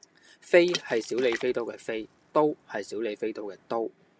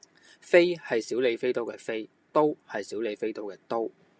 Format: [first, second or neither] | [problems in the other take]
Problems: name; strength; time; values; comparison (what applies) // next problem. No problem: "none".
second | background sound (Water / Splash, splatter); 15 dB below the speech